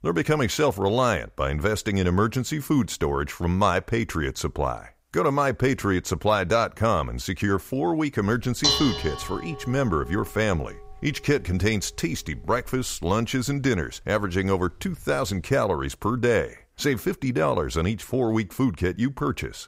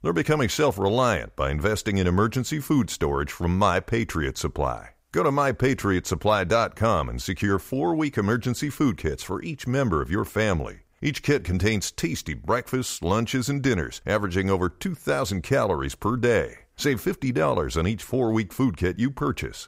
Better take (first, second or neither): second